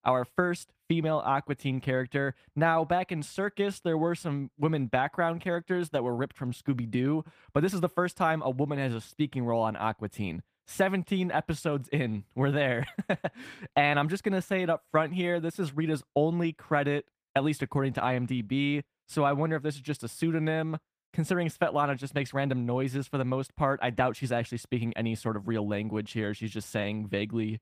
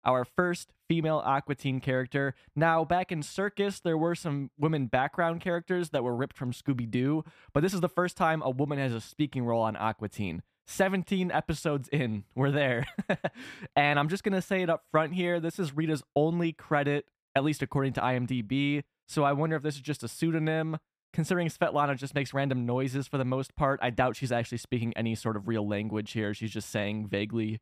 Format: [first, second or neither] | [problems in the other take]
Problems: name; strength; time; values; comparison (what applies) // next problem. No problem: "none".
second | garbled, watery; slightly; nothing above 15 kHz